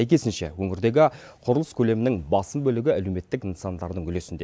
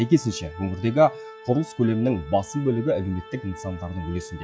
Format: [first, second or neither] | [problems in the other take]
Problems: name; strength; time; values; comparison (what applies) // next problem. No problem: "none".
first | noise reduction (classical method log-MMSE)